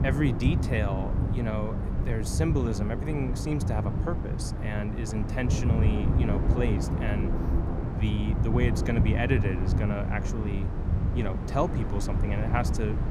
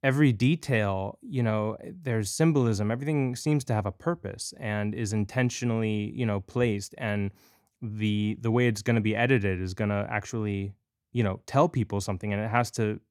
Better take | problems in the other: second | low rumble; loud; throughout; 4 dB below the speech

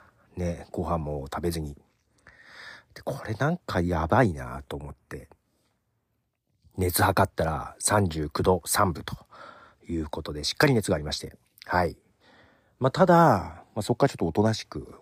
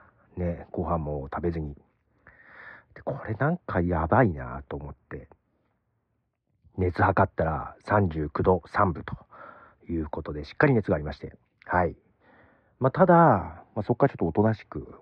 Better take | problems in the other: first | muffled; very; fading above 2 kHz

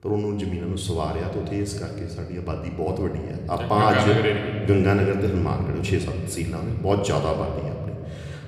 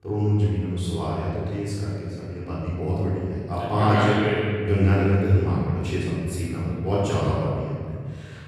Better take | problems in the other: first | room echo; strong; dies away in 1.9 s; slight in the first // off-mic speech; far; somewhat distant in the first

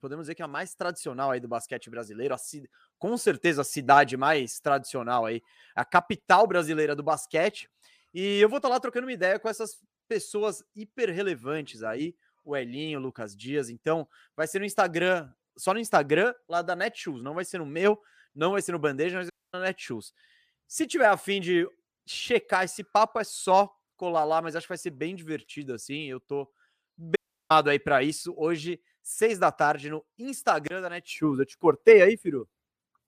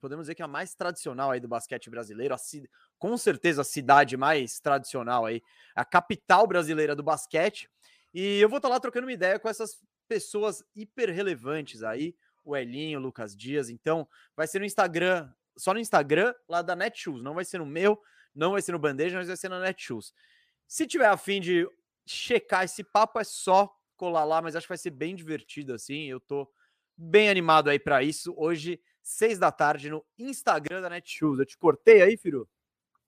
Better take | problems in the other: second | audio cutting out; at 19 s and at 27 s

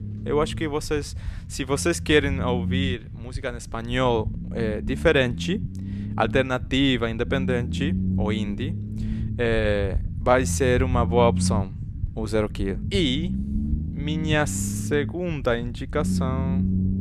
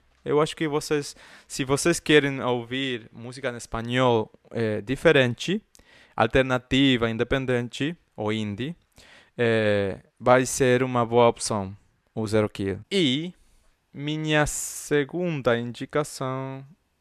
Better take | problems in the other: second | low rumble; noticeable; throughout; 15 dB below the speech

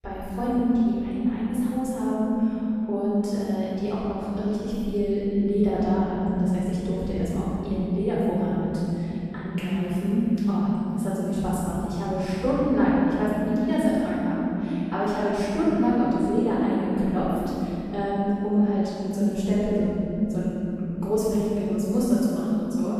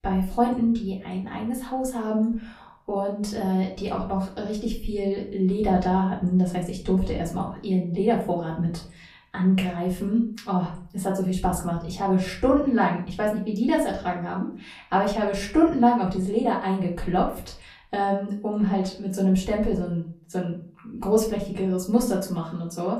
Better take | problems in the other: second | room echo; strong; dies away in 3 s; slight in the second // off-mic speech; far; far in the second

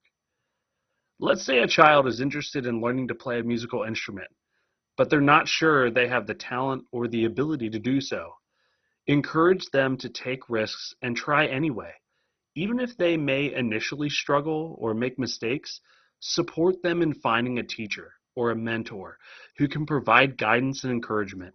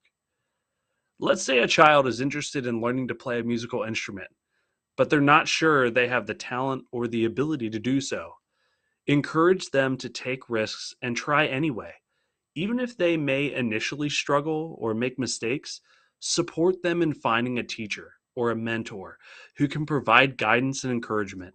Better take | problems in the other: second | garbled, watery; badly; nothing above 6 kHz; slightly in the second

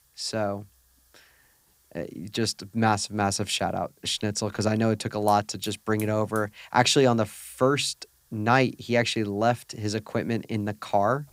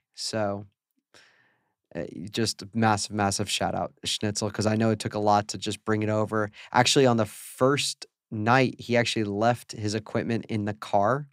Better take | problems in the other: second | hiss; faint; throughout; 25 dB below the speech

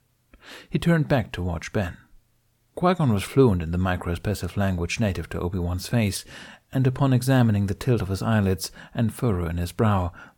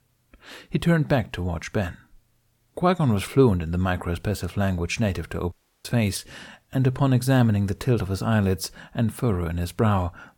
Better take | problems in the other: first | audio cutting out; at 5.5 s

